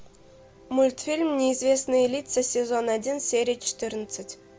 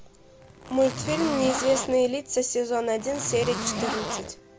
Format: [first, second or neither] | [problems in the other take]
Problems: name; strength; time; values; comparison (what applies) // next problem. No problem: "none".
first | background sound (Zipper (clothing)); 7 dB below the speech